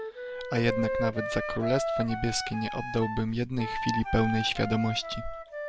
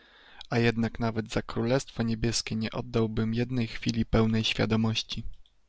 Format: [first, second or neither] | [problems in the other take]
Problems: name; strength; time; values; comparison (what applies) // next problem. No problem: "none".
second | background sound (Wind instrument, woodwind instrument); 4 dB below the speech